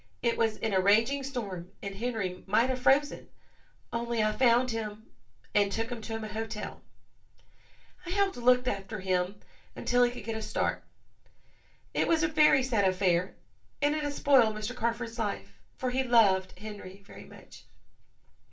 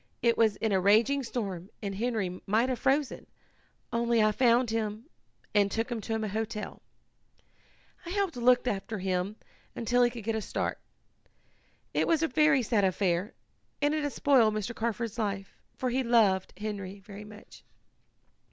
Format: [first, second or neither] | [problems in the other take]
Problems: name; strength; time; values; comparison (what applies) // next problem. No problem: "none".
second | room echo; dies away in 0.2 s